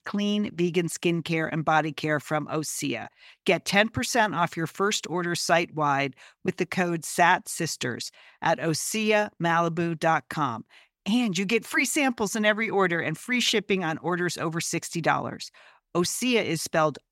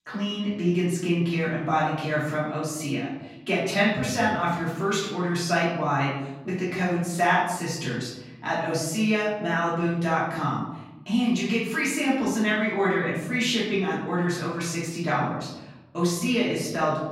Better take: first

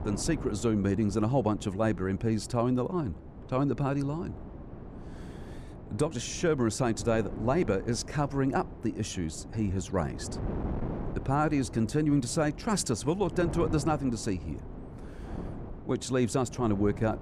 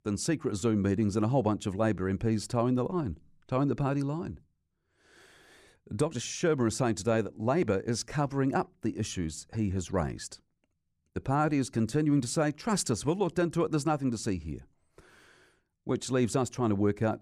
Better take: second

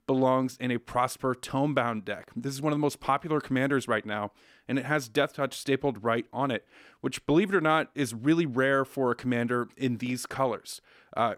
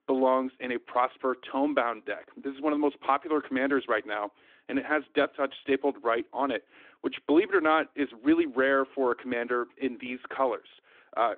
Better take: first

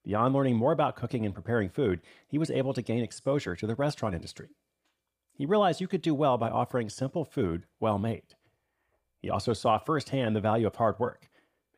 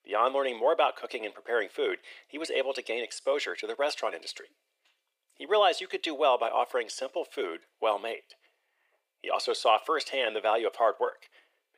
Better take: first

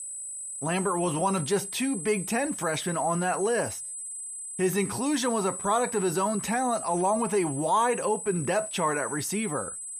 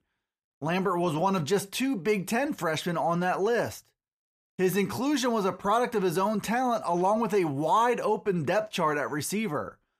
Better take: second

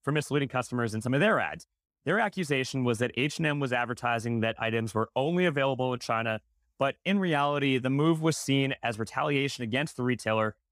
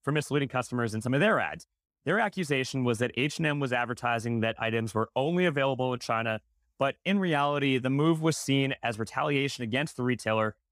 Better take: neither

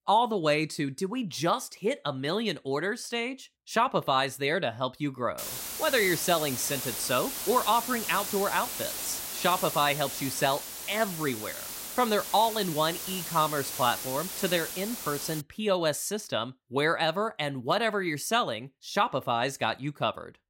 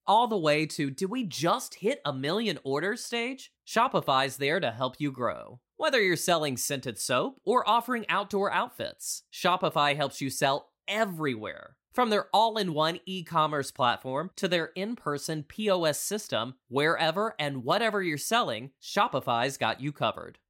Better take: second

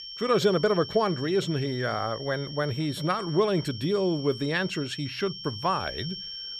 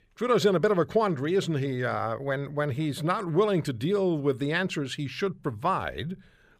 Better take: second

